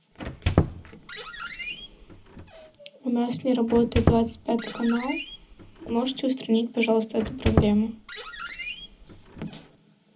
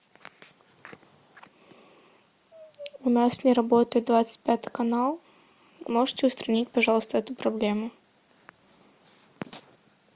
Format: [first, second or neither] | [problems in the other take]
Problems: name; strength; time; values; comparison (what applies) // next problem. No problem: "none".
second | background sound (Squeak); 3 dB below the speech // room echo; dies away in 0.4 s